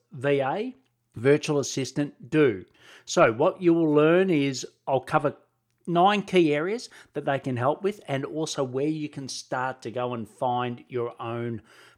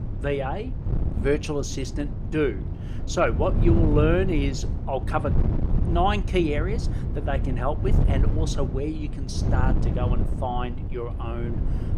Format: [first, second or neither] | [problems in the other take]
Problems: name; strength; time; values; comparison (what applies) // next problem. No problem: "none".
first | wind noise on the microphone; heavy; 10 dB below the speech